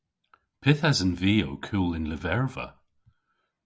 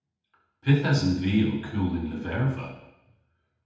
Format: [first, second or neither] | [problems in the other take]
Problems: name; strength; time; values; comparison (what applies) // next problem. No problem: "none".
first | room echo; dies away in 0.8 s